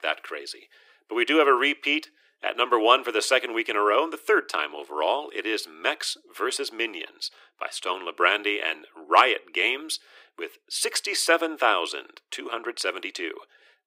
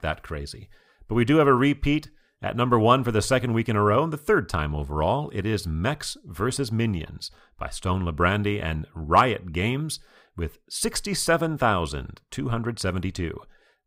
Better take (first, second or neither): second